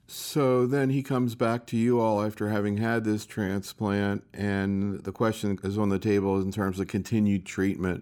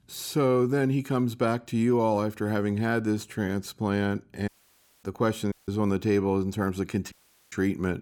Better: first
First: none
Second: audio cutting out; at 4.5 s for 0.5 s, at 5.5 s and at 7 s

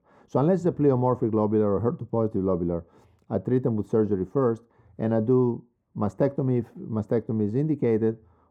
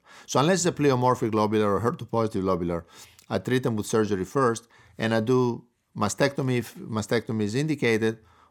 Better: second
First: muffled; very; fading above 1.5 kHz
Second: none

